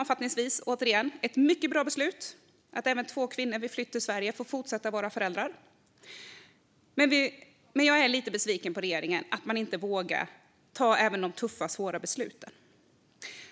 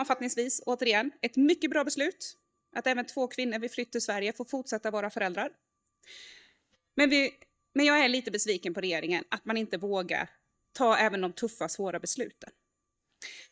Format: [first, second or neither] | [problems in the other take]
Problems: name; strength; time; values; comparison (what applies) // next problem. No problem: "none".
first | noise reduction (neural mask model DeepFilterNet 3)